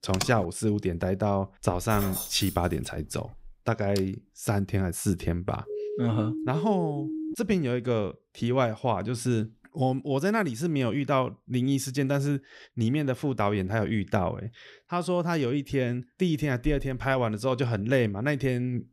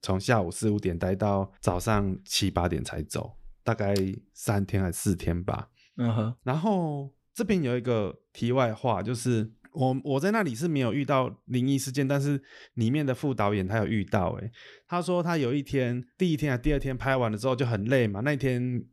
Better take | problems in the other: second | keyboard typing; noticeable; at the start; peak 5 dB below the speech // jangling keys; noticeable; from 2 to 3.5 s; peak 5 dB below the speech // siren; noticeable; from 5.5 to 7.5 s; peak 5 dB below the speech

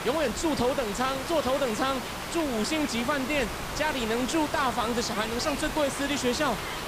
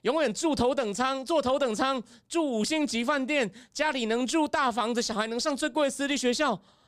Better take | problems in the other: second | hiss; loud; throughout; 5 dB below the speech

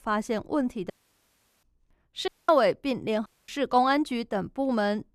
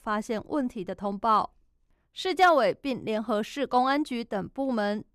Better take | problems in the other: second | audio cutting out; at 1 s for 0.5 s, at 2.5 s and at 3.5 s

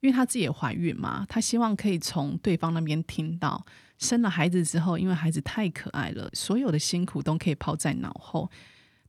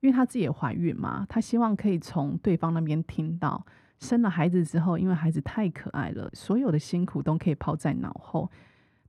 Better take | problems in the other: first | muffled; slightly; fading above 2.5 kHz

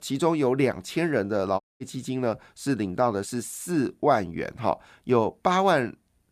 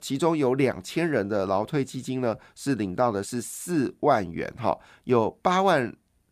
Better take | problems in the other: second | audio cutting out; at 1.5 s

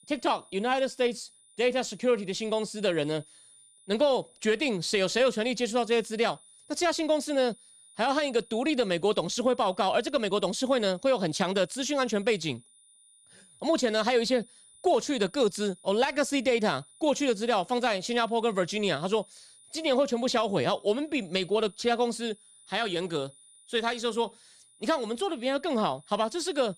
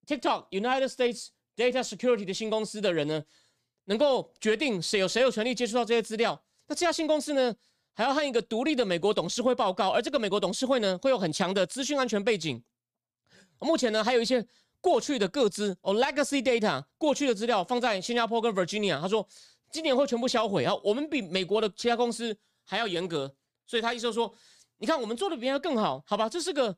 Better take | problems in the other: second | high-pitched whine; faint; throughout; 9.5 kHz, 25 dB below the speech

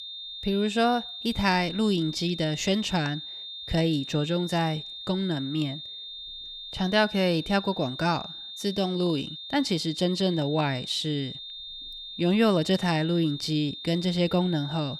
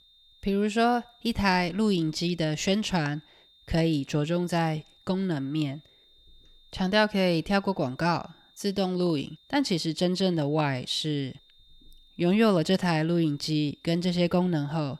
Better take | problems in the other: second | high-pitched whine; loud; throughout; 3.5 kHz, 10 dB below the speech; faint in the second

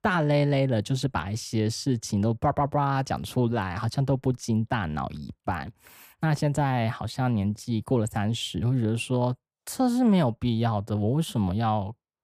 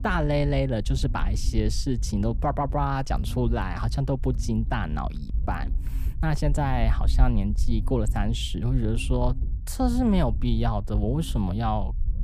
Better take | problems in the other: first | low rumble; noticeable; throughout; 20 dB below the speech

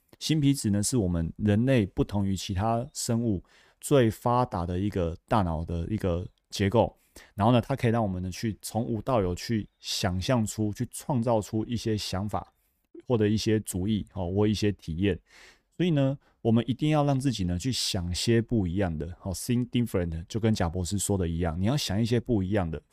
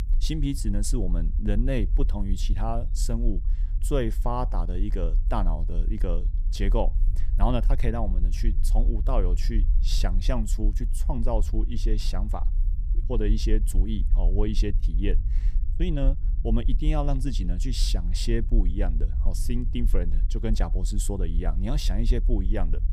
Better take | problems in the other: first | low rumble; noticeable; throughout; 15 dB below the speech

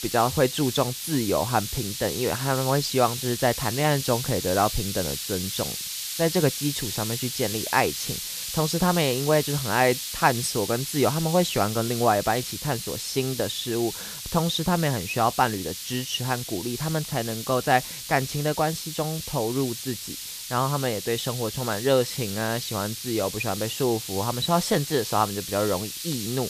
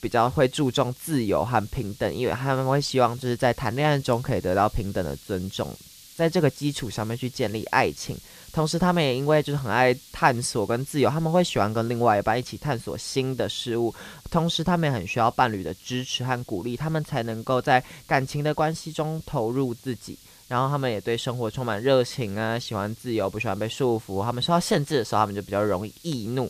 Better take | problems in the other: second | hiss; loud; throughout; 5 dB below the speech; faint in the second

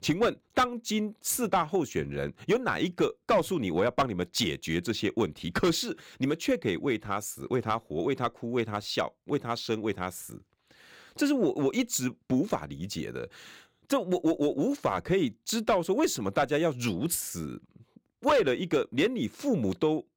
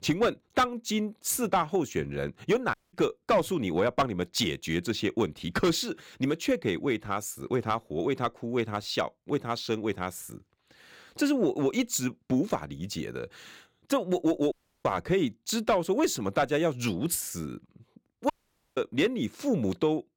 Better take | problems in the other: first | audio cutting out; at 2.5 s, at 15 s and at 18 s

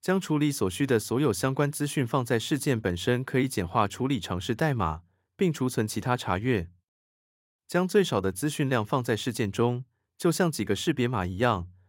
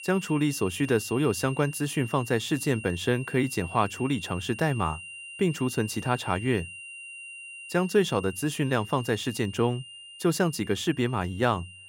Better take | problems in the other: first | high-pitched whine; noticeable; throughout; 3 kHz, 15 dB below the speech

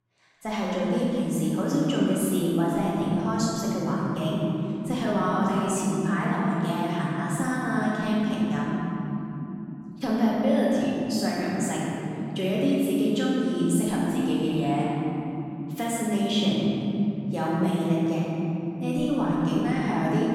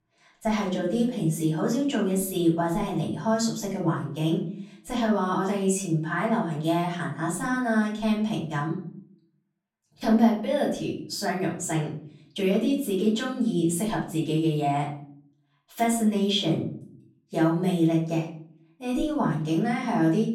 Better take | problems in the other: second | room echo; strong; dies away in 3 s; slight in the second // off-mic speech; far; far in the second

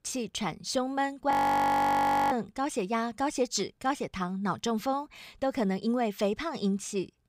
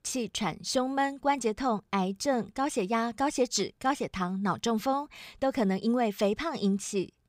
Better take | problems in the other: second | audio freezing; at 1.5 s for 1 s

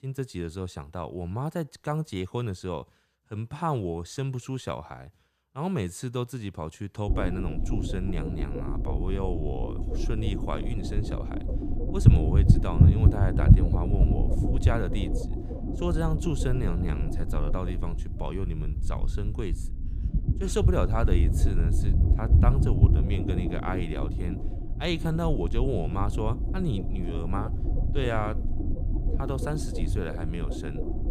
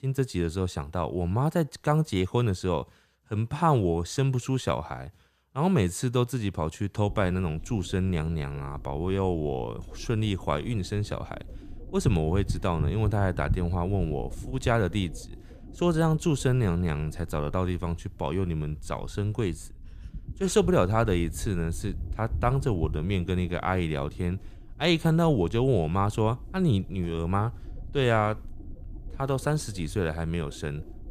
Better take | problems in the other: second | low rumble; loud; from 7 s on; 3 dB below the speech; faint in the second

